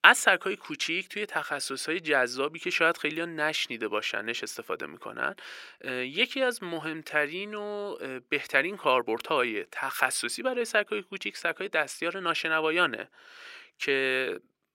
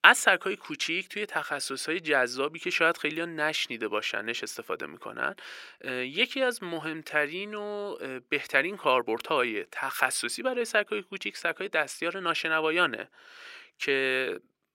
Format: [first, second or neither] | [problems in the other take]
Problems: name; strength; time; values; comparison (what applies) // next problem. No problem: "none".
neither | thin; somewhat; fading below 400 Hz; the same in both